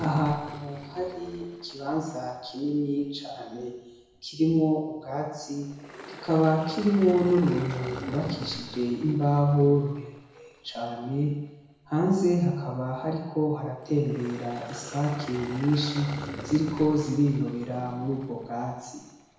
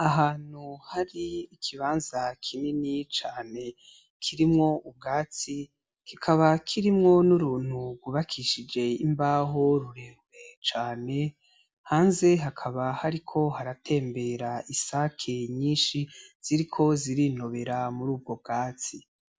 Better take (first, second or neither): second